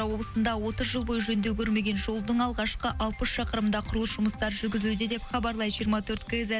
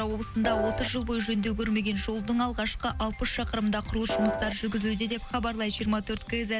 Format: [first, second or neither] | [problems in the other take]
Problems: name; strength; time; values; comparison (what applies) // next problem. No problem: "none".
first | background sound (Piano); 1 dB below the speech